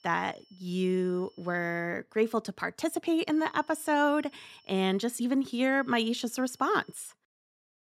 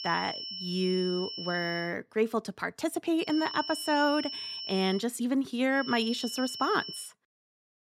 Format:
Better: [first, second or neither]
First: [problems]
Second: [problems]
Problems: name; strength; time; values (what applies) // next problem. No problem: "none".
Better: first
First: high-pitched whine; faint; until 2 s, from 3.5 to 5 s and from 6 to 7 s; 5.5 kHz, 30 dB below the speech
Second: high-pitched whine; loud; until 2 s, from 3.5 to 5 s and from 6 to 7 s; 5.5 kHz, 7 dB below the speech